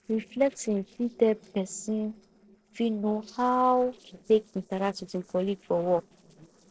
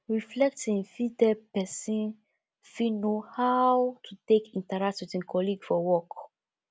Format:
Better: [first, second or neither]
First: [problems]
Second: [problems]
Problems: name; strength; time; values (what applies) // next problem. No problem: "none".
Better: second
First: noise reduction (neural separator model SepFormer DNS4)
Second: none